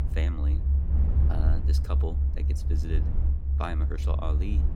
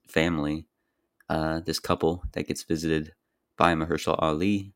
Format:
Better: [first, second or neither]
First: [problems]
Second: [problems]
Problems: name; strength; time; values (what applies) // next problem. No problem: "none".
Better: second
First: low rumble; loud; throughout; 4 dB below the speech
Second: none